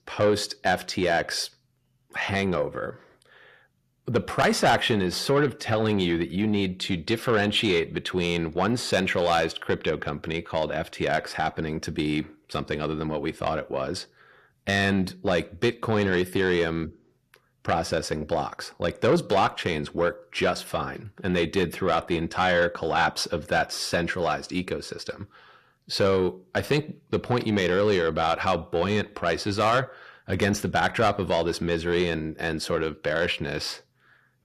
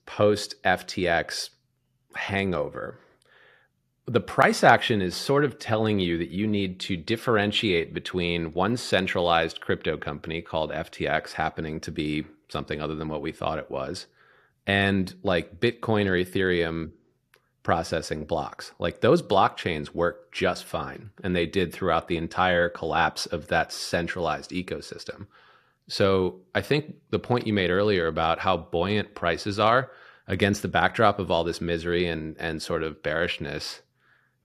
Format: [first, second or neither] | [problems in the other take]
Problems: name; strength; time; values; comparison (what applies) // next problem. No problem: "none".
second | distortion; slight; 10 dB below the speech